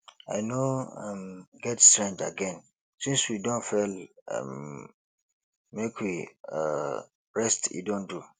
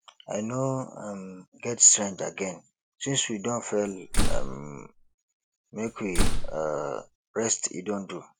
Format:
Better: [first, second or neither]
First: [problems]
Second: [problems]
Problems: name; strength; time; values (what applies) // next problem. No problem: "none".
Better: first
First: none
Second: background sound (Slam); 4 dB above the speech